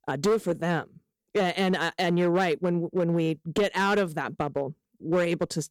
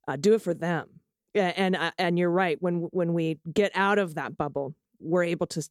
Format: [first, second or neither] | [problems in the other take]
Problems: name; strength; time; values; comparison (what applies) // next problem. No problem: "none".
second | distortion; slight; 7% of the sound clipped